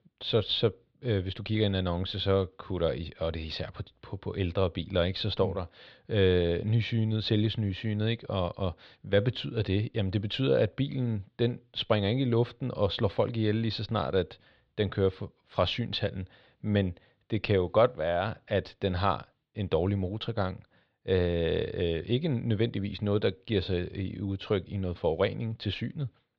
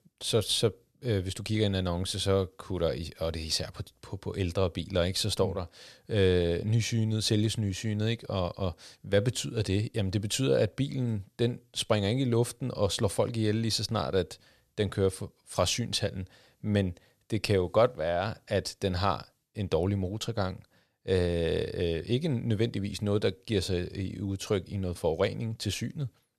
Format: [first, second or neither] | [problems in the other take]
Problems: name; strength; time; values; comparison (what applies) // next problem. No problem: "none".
second | muffled; slightly; fading above 3.5 kHz